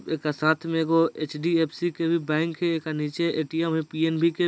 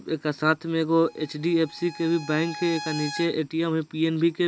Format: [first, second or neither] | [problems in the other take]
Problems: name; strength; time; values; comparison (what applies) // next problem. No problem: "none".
first | background sound (Bowed string instrument); 14 dB below the speech